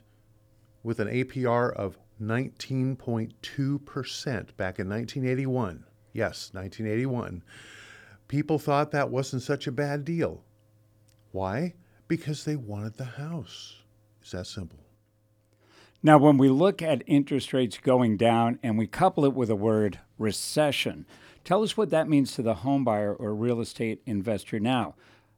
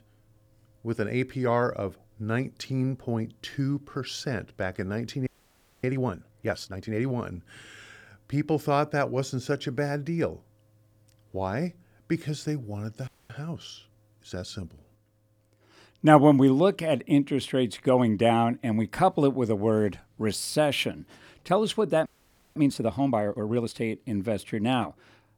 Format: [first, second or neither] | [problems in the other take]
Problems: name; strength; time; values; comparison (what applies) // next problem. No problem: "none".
first | audio freezing; at 5.5 s for 0.5 s, at 13 s and at 22 s for 0.5 s